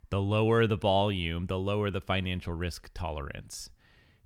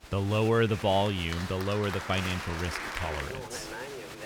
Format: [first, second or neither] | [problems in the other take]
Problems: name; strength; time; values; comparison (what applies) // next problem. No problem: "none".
first | crowd noise; loud; throughout; 8 dB below the speech